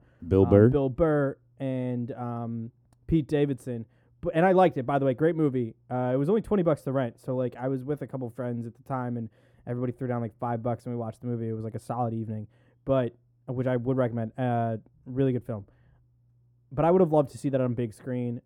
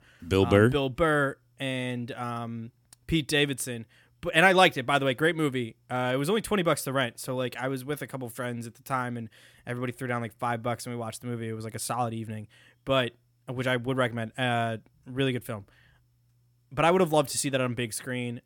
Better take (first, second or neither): second